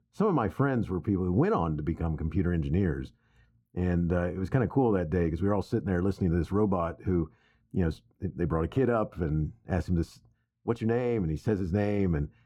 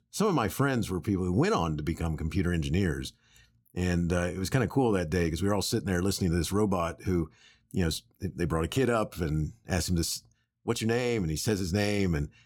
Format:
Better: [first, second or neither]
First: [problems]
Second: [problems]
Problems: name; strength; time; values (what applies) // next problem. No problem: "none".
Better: second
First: muffled; very; fading above 2.5 kHz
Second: none